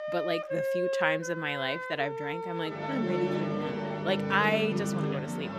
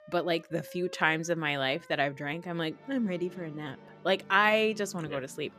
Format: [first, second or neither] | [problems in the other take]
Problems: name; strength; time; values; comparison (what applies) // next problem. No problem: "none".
second | background music; loud; throughout; 1 dB below the speech; faint in the second